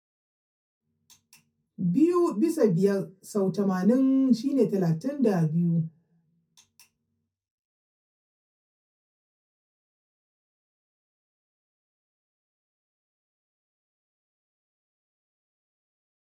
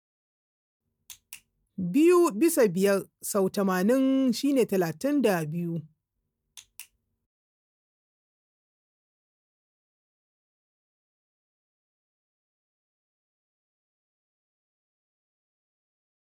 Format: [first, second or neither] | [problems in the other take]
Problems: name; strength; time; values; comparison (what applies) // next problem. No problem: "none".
second | room echo; dies away in 0.3 s